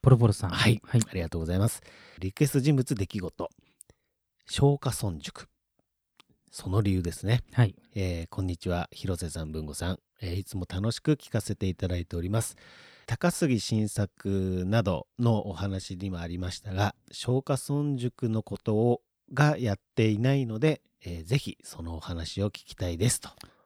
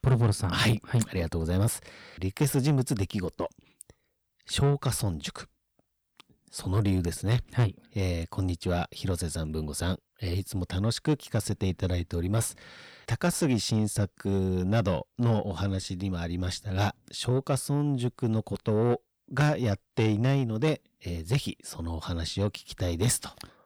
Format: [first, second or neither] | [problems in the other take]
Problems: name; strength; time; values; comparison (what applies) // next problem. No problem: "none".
first | distortion; slight; 10 dB below the speech